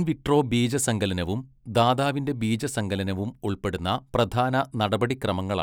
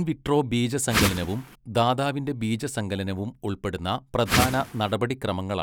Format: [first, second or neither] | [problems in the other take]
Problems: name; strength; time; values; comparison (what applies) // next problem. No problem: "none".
first | background sound (Whoosh, swoosh, swish); as loud as the speech